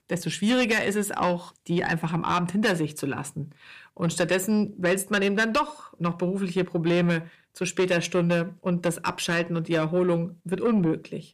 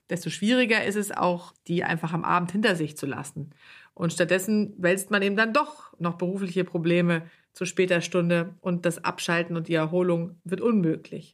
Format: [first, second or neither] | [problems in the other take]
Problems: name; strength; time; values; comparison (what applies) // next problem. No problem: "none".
second | distortion; slight; 10 dB below the speech